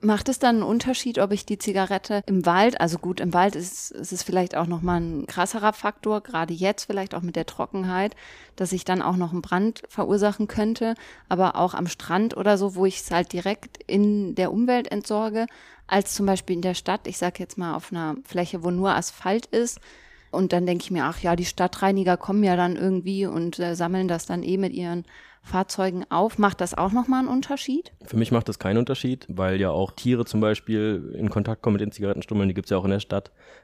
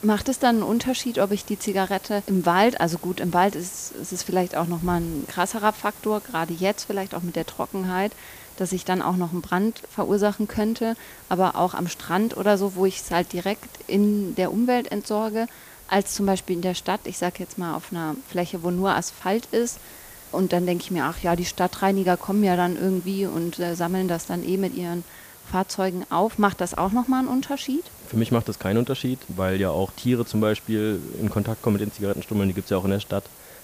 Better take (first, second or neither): first